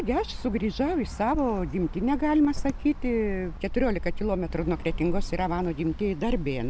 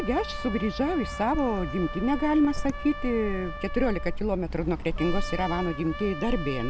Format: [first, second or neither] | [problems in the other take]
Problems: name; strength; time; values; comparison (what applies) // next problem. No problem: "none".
first | background sound (Trumpet); 13 dB below the speech